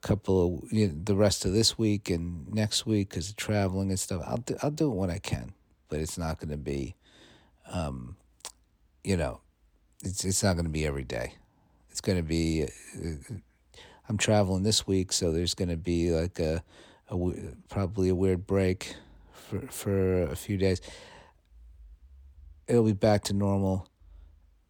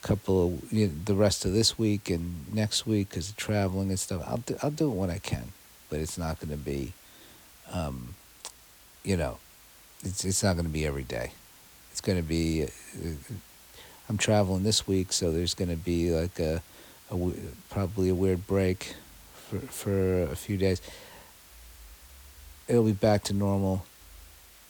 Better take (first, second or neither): first